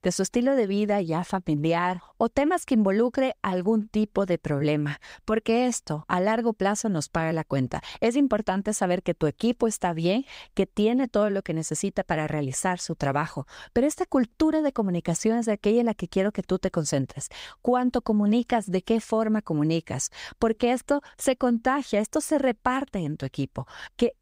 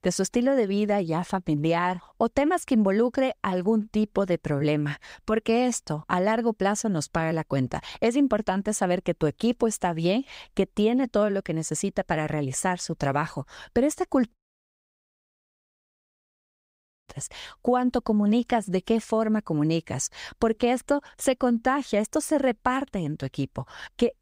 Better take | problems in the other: first | audio cutting out; at 14 s for 2.5 s

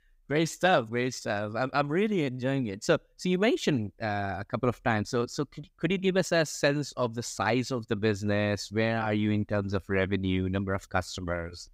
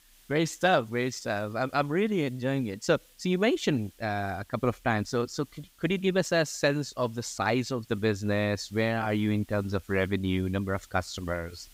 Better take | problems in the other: first | hiss; faint; throughout; 30 dB below the speech

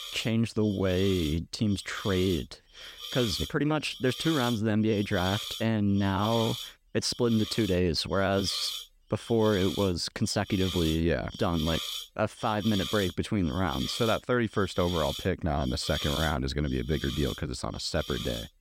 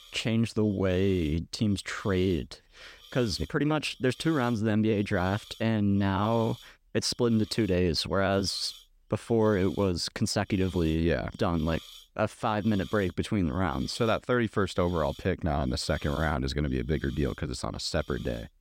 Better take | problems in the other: second | hiss; loud; throughout; 8 dB below the speech; faint in the second

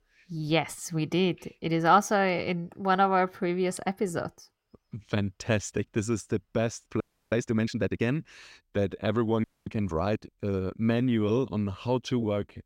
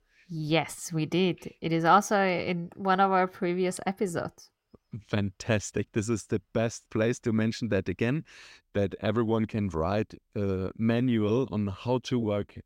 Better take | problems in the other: second | audio freezing; at 7 s and at 9.5 s

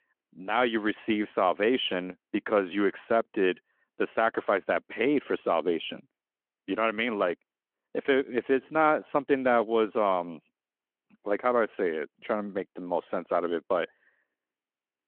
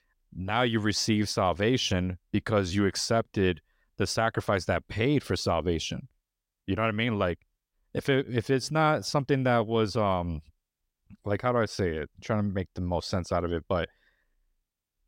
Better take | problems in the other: second | phone-call audio

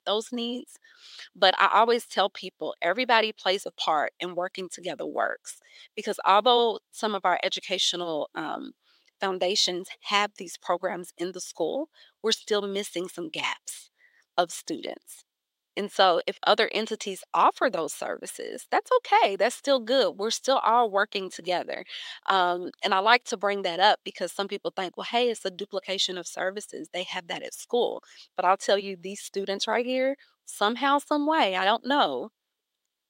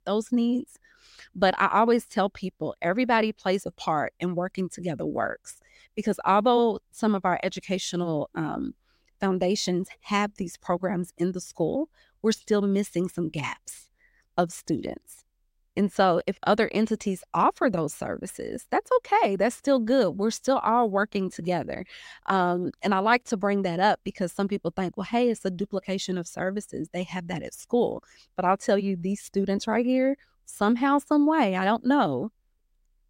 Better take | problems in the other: second | thin; somewhat; fading below 450 Hz

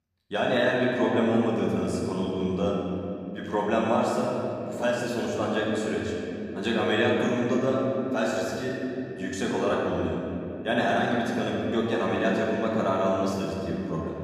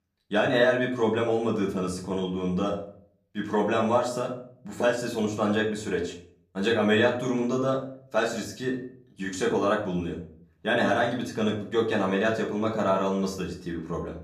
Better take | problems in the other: second | room echo; strong; dies away in 3 s; slight in the second // off-mic speech; far; far in the second

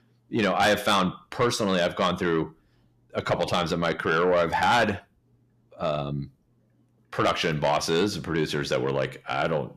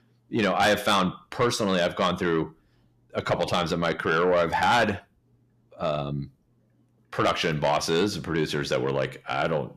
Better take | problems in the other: neither | distortion; heavy; 8 dB below the speech; the same in both

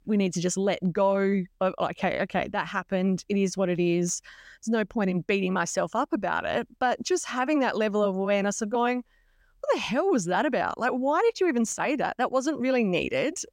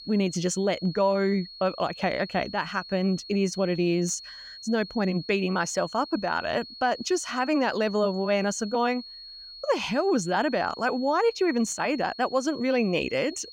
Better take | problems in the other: first | high-pitched whine; noticeable; throughout; 4.5 kHz, 15 dB below the speech

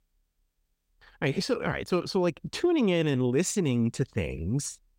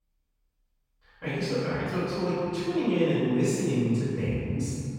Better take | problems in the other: first | off-mic speech; far // room echo; strong; dies away in 2.2 s

